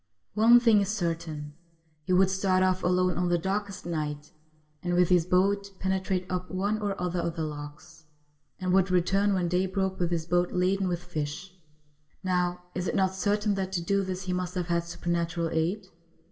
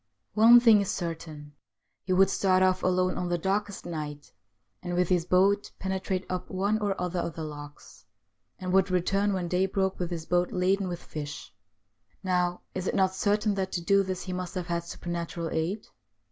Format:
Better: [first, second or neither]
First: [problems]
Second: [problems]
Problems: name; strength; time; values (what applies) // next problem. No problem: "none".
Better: second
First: room echo; dies away in 0.7 s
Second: none